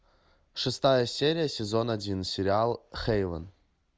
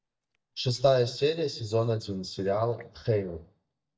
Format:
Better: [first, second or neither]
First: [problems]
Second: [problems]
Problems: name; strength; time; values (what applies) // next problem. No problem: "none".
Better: first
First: none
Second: noise reduction (neural mask model DeepFilterNet 3)